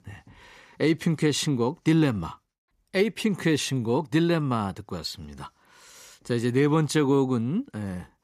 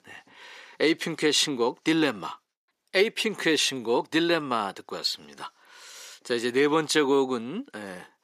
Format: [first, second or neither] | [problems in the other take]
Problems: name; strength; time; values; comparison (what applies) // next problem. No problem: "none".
first | thin; somewhat; fading below 400 Hz